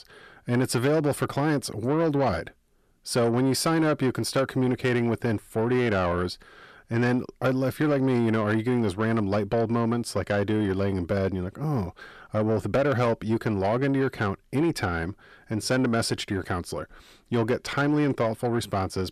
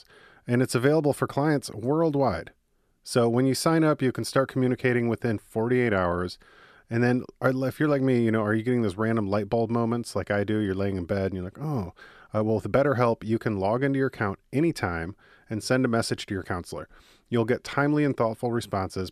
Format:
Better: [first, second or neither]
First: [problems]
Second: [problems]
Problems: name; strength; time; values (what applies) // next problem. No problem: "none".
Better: second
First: distortion; slight; 10 dB below the speech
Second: none